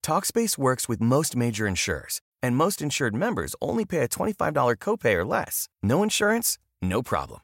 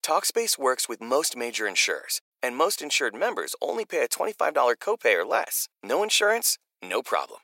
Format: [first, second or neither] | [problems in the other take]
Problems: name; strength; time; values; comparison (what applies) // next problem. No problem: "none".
first | thin; very; fading below 350 Hz